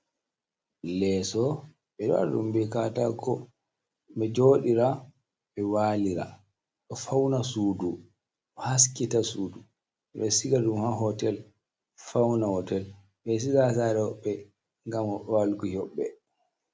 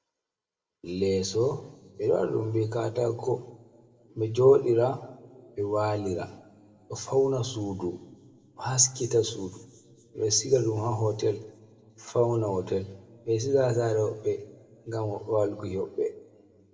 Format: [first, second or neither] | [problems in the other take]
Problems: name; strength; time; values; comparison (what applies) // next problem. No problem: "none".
first | room echo; dies away in 1.1 s